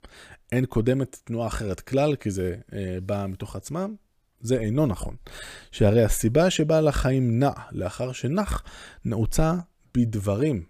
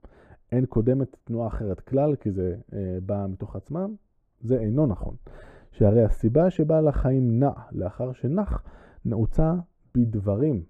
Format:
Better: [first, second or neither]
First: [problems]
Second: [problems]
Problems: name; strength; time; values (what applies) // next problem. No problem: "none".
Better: first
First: none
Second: muffled; very; fading above 2 kHz